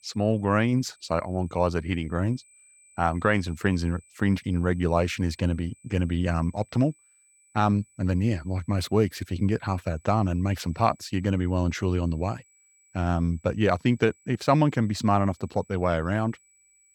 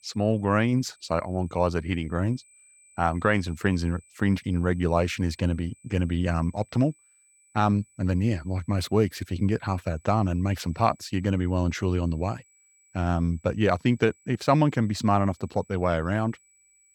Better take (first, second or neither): neither